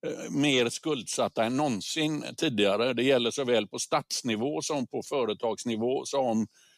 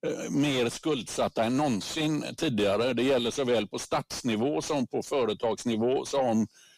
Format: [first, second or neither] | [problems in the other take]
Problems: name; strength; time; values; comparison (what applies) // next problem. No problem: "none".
first | distortion; slight; 10 dB below the speech